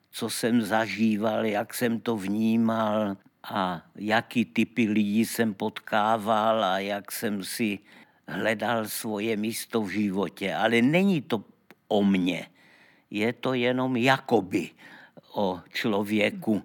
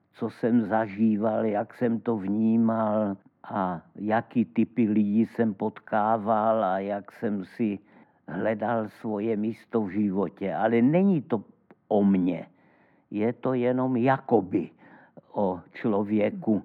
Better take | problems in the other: first | muffled; very; fading above 3 kHz

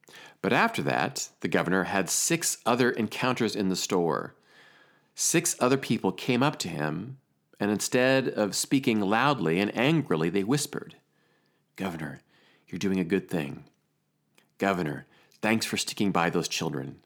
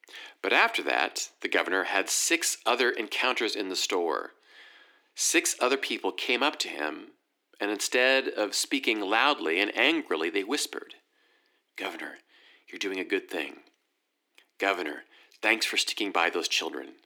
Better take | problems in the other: first | thin; somewhat; fading below 300 Hz

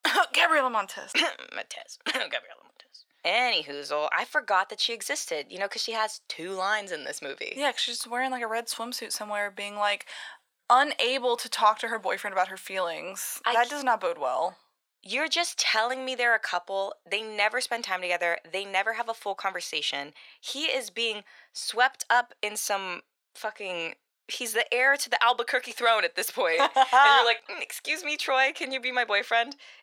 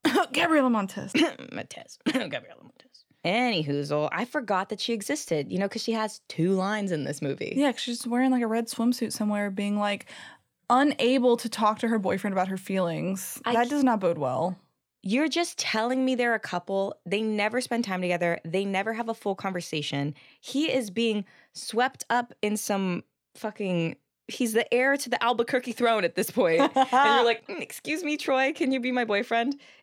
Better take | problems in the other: second | thin; very; fading below 800 Hz

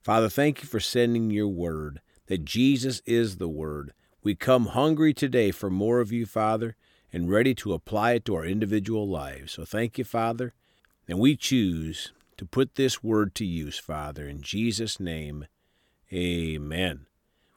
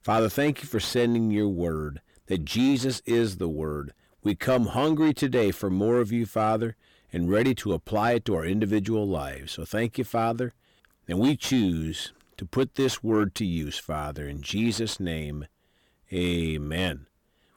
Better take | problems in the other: first | distortion; slight; 10 dB below the speech

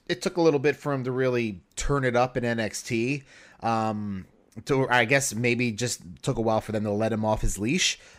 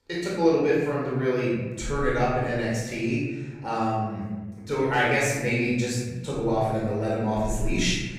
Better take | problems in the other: first | room echo; strong; dies away in 1.3 s // off-mic speech; far

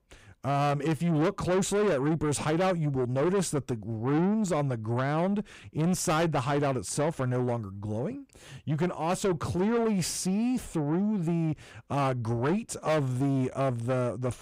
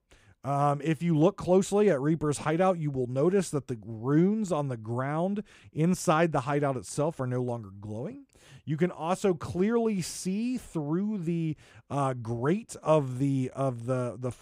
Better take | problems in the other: second | distortion; heavy; 8 dB below the speech

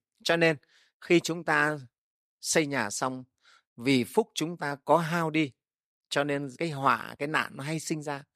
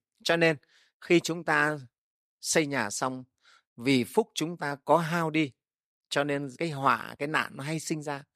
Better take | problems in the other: neither | none

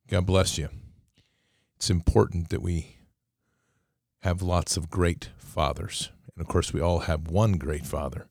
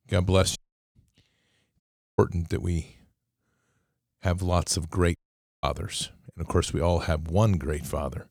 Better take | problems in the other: first | audio cutting out; at 0.5 s, at 2 s and at 5 s

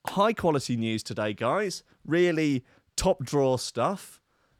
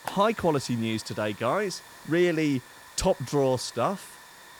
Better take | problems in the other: first | hiss; noticeable; throughout; 20 dB below the speech

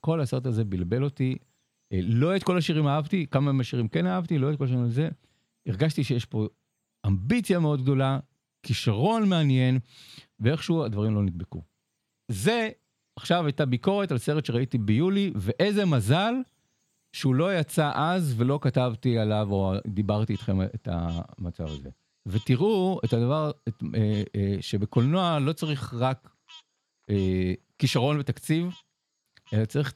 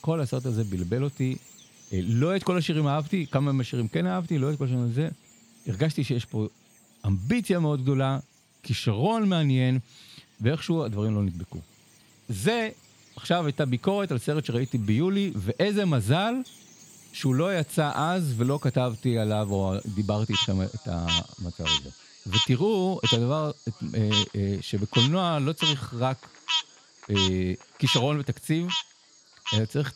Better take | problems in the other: first | animal sounds; loud; throughout; 1 dB below the speech; faint in the first

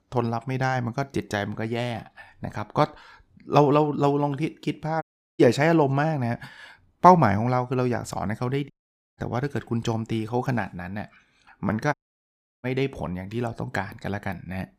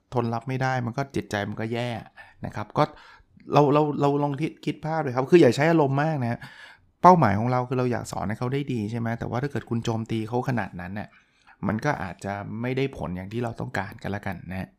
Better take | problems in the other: second | audio cutting out; at 5 s, at 8.5 s and at 12 s for 0.5 s

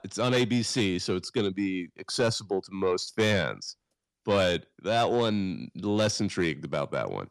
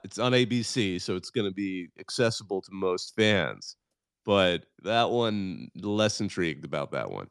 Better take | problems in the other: second | distortion; slight; 10 dB below the speech

